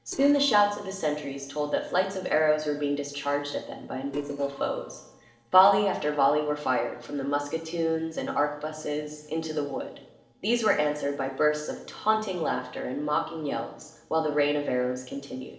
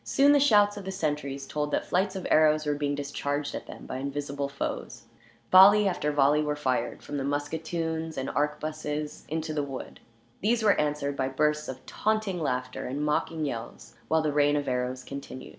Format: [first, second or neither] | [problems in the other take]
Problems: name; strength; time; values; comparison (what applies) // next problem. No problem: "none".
second | noise reduction (neural separator model SepFormer DNS4)